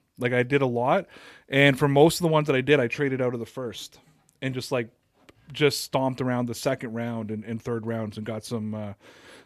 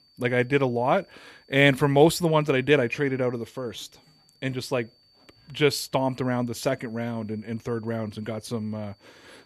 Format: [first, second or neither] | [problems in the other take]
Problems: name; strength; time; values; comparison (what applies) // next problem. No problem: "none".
first | high-pitched whine; faint; throughout; 4.5 kHz, 35 dB below the speech